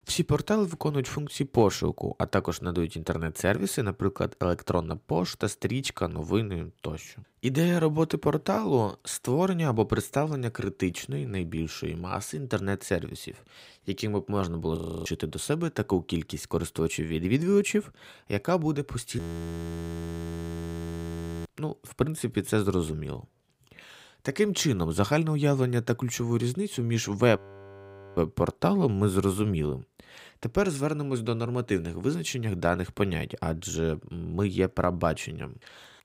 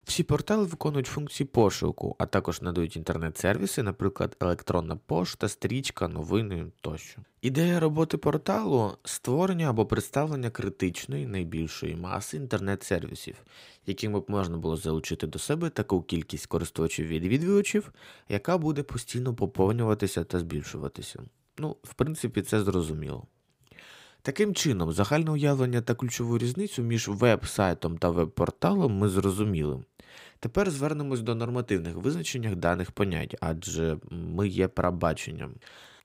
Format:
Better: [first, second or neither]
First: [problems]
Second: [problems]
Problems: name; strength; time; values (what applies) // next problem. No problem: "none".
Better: second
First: audio freezing; at 15 s, at 19 s for 2.5 s and at 27 s for 1 s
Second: none